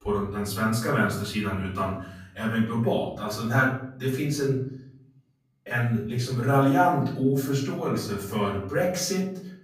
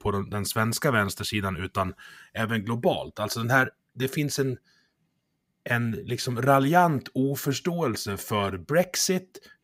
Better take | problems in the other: second | room echo; noticeable; dies away in 0.6 s // off-mic speech; far

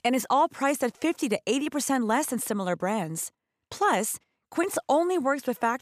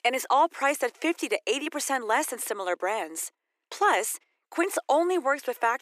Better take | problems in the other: first | thin; somewhat; fading below 350 Hz

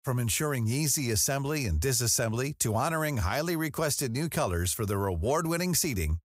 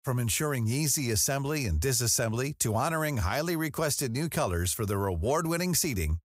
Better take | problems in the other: neither | none

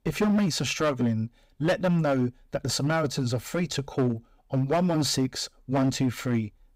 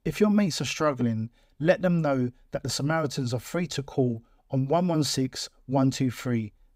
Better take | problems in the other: second | distortion; slight; 8% of the sound clipped

